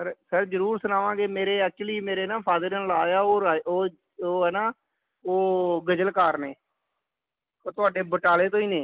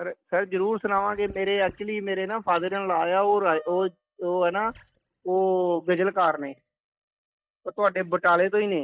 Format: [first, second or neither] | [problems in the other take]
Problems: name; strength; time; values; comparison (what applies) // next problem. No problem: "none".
first | noise reduction (neural mask model DeepFilterNet 3)